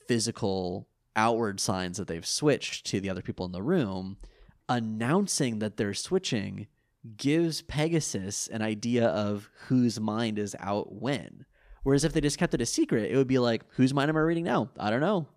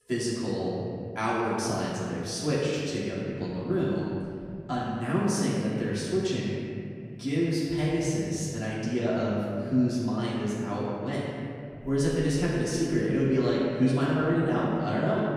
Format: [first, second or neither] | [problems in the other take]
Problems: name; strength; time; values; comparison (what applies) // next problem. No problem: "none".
first | off-mic speech; far // room echo; strong; dies away in 2.6 s